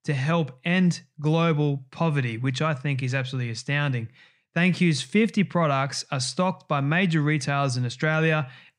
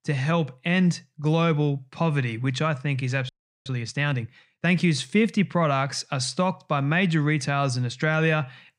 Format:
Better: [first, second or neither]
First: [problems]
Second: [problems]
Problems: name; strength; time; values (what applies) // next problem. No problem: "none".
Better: first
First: none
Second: audio freezing; at 3.5 s